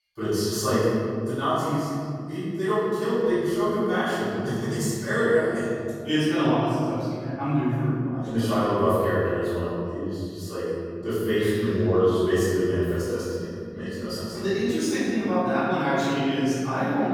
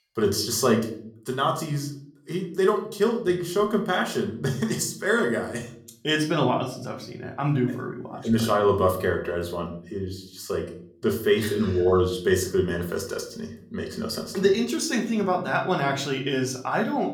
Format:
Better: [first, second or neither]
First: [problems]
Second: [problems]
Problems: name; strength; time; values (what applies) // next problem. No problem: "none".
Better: second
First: room echo; strong; dies away in 2.6 s // off-mic speech; far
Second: room echo; slight; dies away in 0.4 s // off-mic speech; somewhat distant